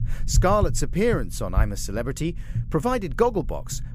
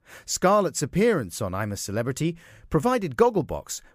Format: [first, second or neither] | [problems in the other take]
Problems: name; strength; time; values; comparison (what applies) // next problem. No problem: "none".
second | low rumble; noticeable; throughout; 20 dB below the speech